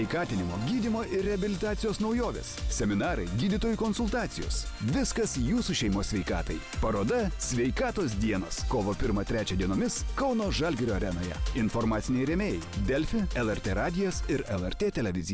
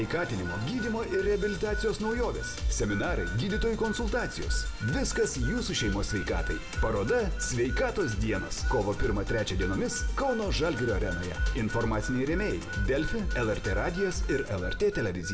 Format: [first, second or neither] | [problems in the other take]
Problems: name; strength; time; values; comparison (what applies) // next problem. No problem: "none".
first | background sound (Harmonica); 12 dB below the speech // room echo; dies away in 0.9 s